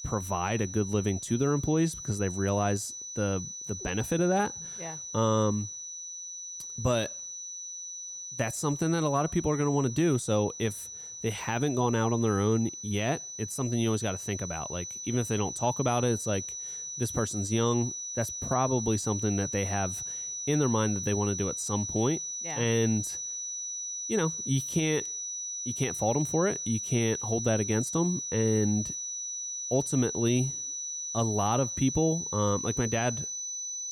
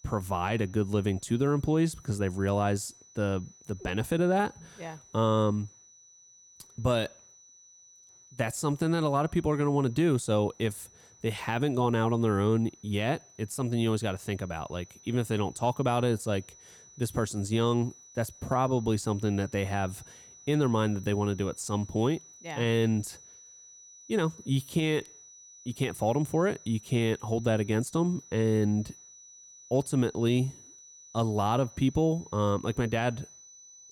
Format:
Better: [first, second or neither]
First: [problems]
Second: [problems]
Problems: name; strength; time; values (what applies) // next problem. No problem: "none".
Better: second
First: high-pitched whine; loud; throughout; 6 kHz, 5 dB below the speech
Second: high-pitched whine; faint; throughout; 6 kHz, 20 dB below the speech